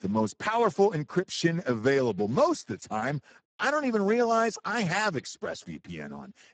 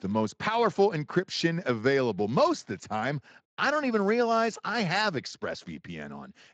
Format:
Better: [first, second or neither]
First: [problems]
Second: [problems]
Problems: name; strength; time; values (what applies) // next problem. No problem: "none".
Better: second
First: garbled, watery; badly; nothing above 7.5 kHz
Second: garbled, watery; slightly; nothing above 7.5 kHz